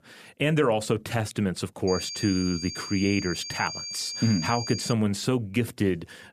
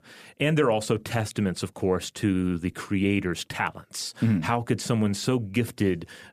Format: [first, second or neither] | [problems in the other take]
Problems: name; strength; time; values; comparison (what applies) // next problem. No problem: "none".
second | high-pitched whine; loud; from 2 to 5 s; 4.5 kHz, 7 dB below the speech